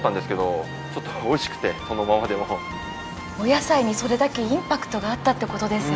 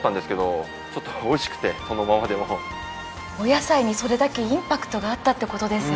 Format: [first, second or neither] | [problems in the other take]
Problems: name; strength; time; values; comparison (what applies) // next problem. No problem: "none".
second | background sound (Traffic noise, roadway noise); 14 dB below the speech